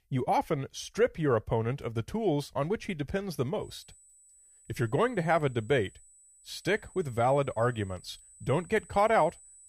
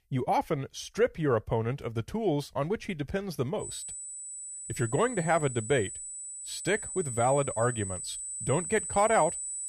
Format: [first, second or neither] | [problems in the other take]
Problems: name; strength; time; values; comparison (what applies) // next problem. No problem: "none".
first | high-pitched whine; loud; from 3.5 s on; 8 kHz, 6 dB below the speech; faint in the first